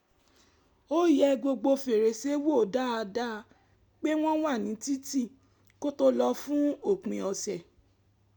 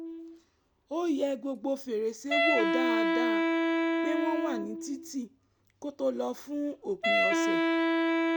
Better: first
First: none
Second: background sound (Wind instrument, woodwind instrument); 5 dB above the speech

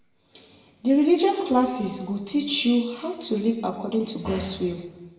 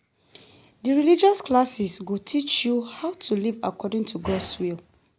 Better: second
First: room echo; dies away in 1.1 s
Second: none

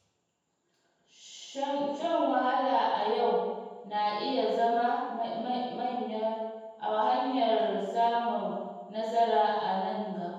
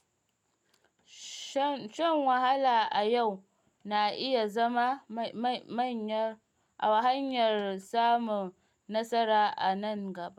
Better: second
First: room echo; dies away in 1.2 s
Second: none

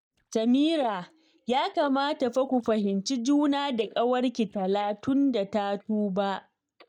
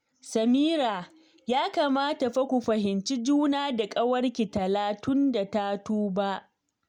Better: second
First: noise reduction (neural mask model DeepFilterNet 3)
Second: none

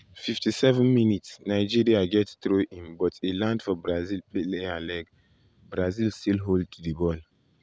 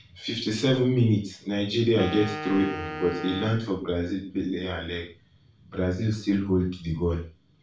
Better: first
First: none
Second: background sound (Wind instrument, woodwind instrument); 10 dB below the speech // room echo; dies away in 0.3 s

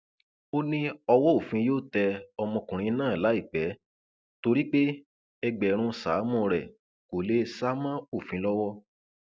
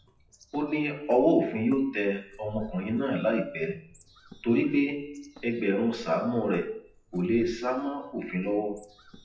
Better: first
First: none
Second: noise reduction (classical method WPE with log-MMSE)

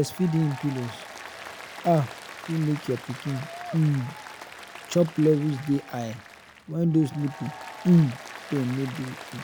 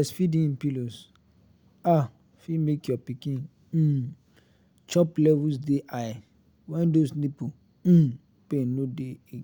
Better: second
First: background sound (Applause); 15 dB below the speech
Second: none

